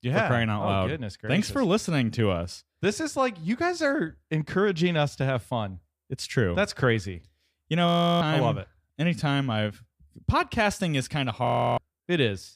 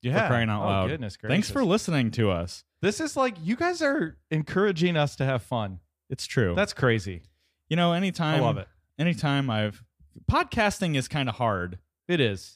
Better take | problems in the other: second | audio freezing; at 8 s and at 11 s

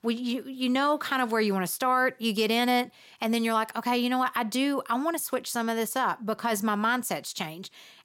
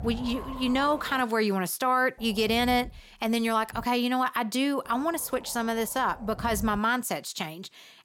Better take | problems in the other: first | wind noise on the microphone; occasional gusts; until 1 s, from 2 to 4 s and from 5 to 7 s; 20 dB below the speech

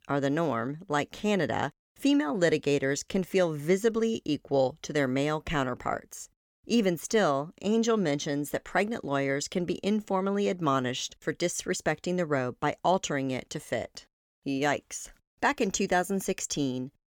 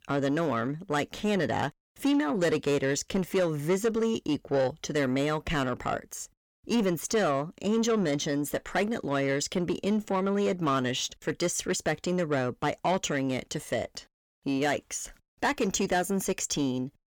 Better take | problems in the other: first | distortion; slight; 10 dB below the speech

